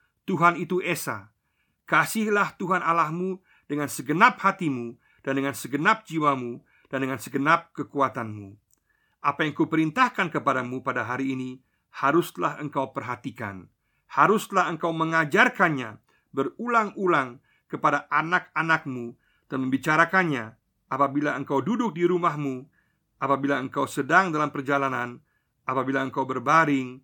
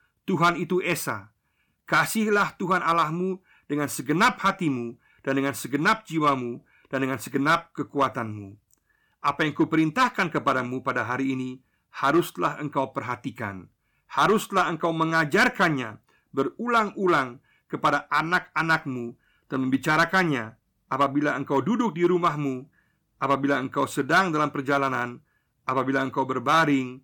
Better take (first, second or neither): first